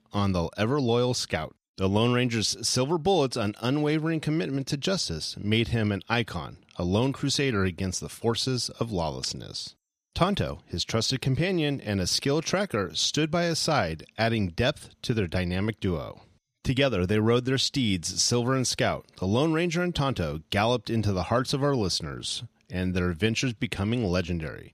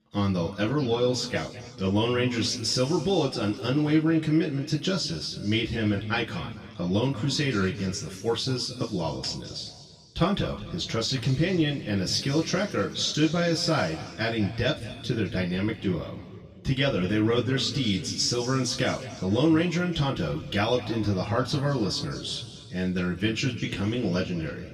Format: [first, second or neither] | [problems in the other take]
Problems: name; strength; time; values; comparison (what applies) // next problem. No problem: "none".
first | room echo; slight; dies away in 2 s // off-mic speech; far